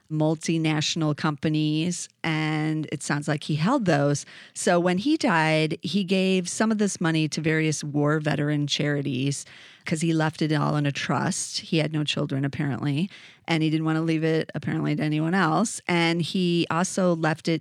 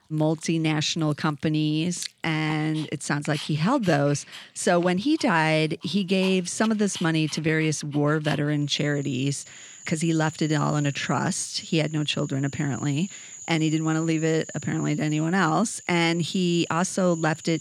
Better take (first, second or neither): first